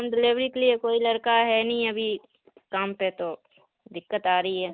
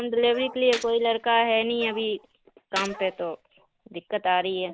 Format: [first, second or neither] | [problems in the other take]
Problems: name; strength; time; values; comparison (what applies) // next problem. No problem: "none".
first | background sound (Gunshot, gunfire + Bark); 16 dB below the speech